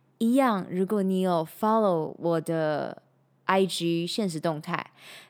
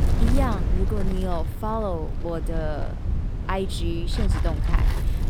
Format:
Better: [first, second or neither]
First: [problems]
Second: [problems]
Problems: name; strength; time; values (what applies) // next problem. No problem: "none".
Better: first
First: none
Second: wind noise on the microphone; heavy; 7 dB below the speech